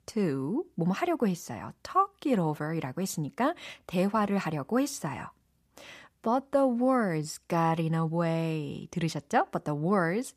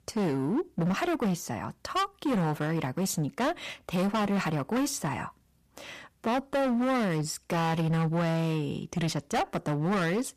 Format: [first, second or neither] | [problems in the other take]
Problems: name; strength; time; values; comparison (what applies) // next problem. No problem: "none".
first | distortion; heavy; 20% of the sound clipped